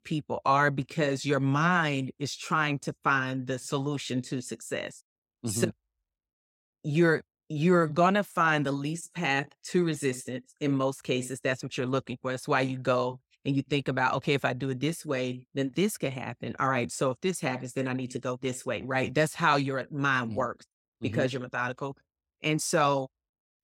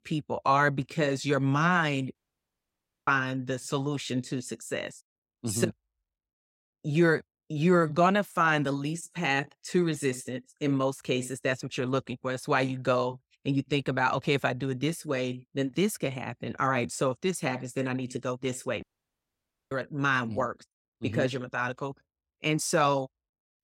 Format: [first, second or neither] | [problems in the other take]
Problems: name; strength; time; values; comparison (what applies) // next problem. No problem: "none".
first | audio cutting out; at 2 s for 1 s and at 19 s for 1 s